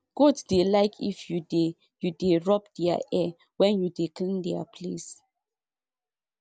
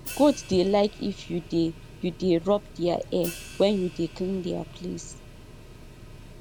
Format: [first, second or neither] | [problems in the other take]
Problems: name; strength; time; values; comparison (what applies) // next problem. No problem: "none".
first | background sound (Mechanical fan + Hi-hat); 16 dB below the speech